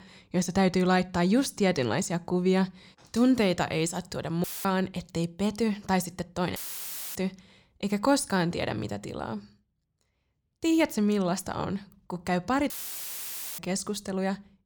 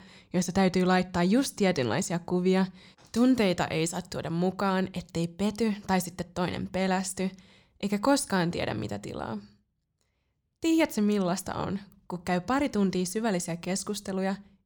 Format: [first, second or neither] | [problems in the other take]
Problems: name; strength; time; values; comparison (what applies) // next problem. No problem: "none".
second | audio cutting out; filled with static; at 4.5 s, at 6.5 s for 0.5 s and at 13 s for 1 s